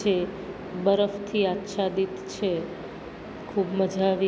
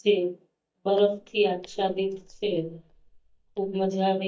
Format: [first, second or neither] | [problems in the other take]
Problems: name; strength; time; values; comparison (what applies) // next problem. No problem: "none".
first | noise reduction (neural mask model DeepFilterNet 3)